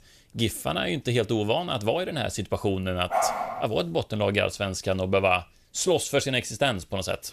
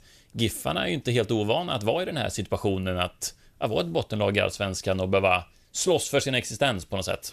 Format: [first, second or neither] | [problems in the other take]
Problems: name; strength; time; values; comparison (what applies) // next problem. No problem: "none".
second | dog barking; loud; at 3 s; peak level with the speech